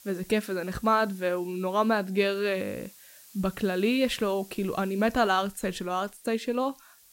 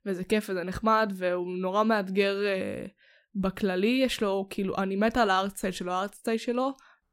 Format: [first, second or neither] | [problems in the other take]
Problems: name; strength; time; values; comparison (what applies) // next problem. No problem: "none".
second | hiss; faint; throughout; 25 dB below the speech